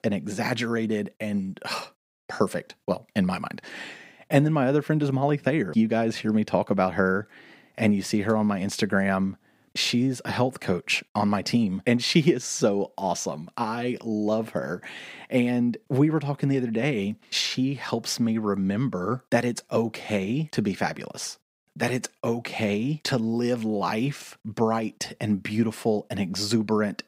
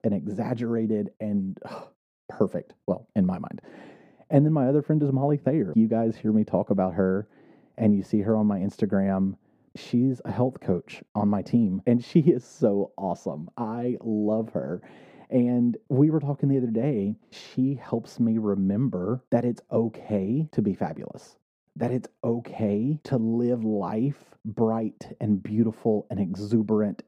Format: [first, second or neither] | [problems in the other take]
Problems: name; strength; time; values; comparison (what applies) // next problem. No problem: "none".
first | muffled; very; fading above 1 kHz